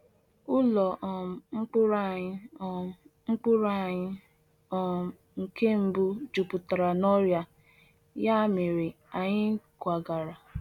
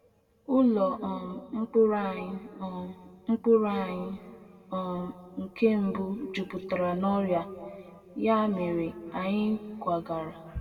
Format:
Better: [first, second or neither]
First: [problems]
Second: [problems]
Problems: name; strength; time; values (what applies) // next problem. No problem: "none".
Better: first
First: none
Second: room echo; dies away in 1.4 s